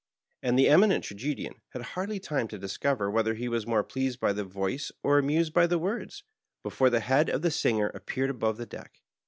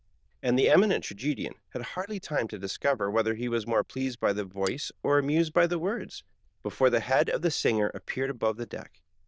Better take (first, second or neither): first